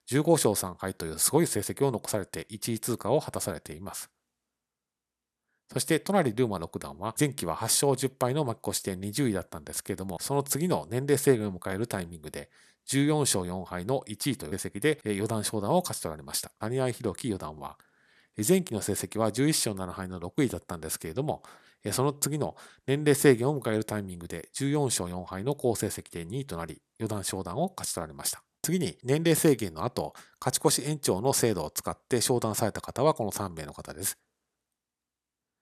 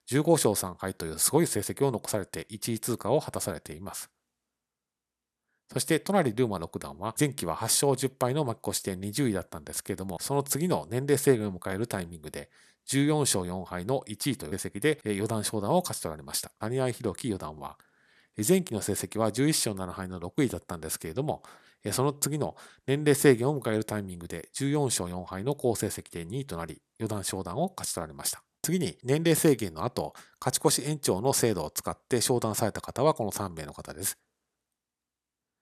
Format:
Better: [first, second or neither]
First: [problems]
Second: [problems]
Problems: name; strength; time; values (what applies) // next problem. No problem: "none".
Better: neither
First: none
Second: none